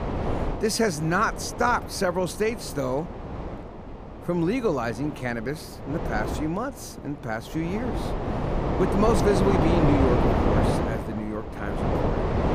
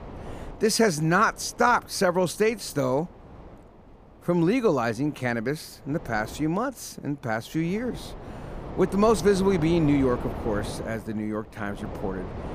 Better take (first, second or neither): second